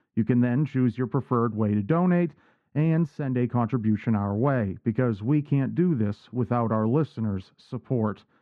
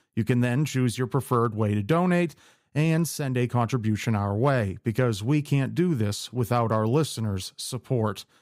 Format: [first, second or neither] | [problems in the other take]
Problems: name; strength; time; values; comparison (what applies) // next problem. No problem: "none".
second | muffled; very; fading above 1.5 kHz